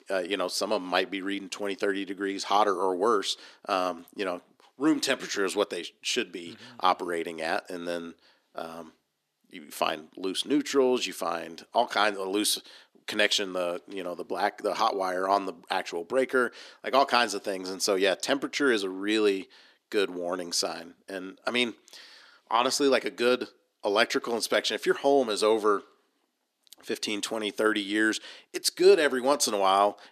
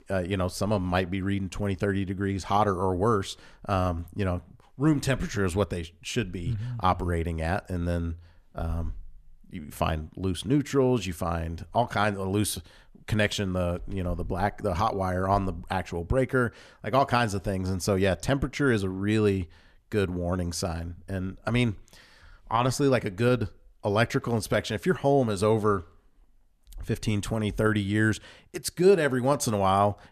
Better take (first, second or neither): second